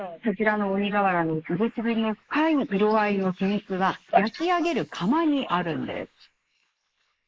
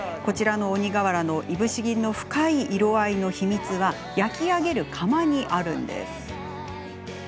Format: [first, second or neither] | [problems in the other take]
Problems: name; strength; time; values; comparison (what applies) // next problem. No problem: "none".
second | noise reduction (neural mask model Resemble Enhance denoiser)